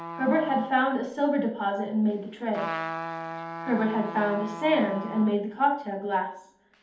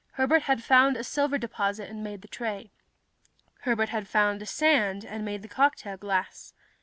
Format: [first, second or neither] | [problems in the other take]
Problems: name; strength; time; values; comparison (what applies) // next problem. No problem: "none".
second | background sound (Trumpet); 11 dB below the speech // room echo; dies away in 0.6 s